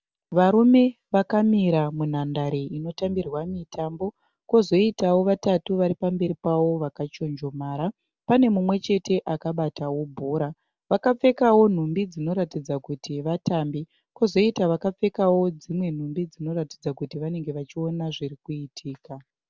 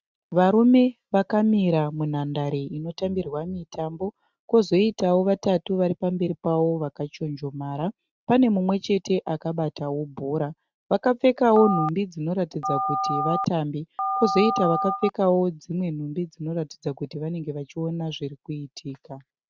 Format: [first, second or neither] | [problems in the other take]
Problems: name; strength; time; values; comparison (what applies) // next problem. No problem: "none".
first | noise reduction (neural mask model RNNoise)